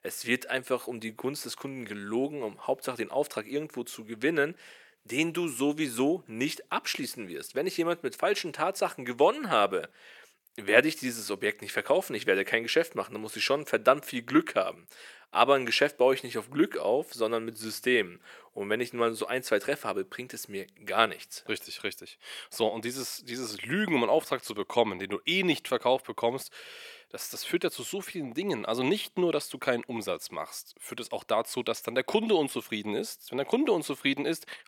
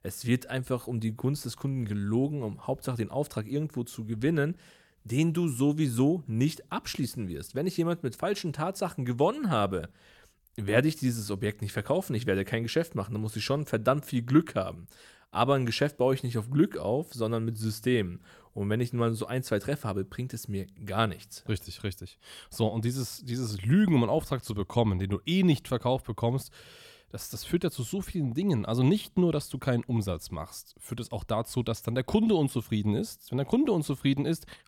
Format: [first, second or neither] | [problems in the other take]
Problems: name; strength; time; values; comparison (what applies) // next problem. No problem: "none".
second | thin; somewhat; fading below 400 Hz